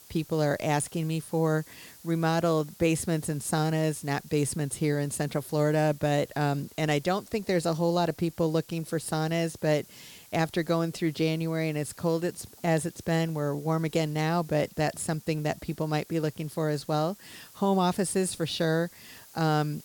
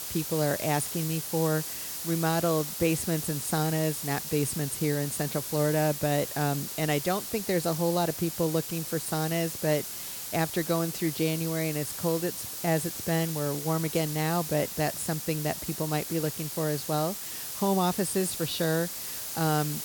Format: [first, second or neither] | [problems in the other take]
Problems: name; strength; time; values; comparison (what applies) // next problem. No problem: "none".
first | hiss; loud; throughout; 5 dB below the speech; faint in the first